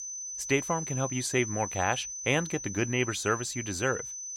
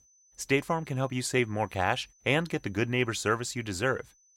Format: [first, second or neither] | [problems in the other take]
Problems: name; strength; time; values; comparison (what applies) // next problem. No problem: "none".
second | high-pitched whine; loud; throughout; 6 kHz, 6 dB below the speech; faint in the second